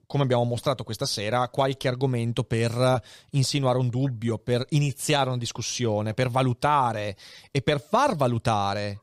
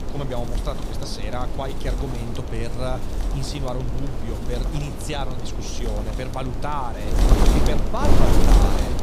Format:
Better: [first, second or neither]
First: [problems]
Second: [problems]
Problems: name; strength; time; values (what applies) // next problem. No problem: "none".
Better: first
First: none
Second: wind noise on the microphone; heavy; as loud as the speech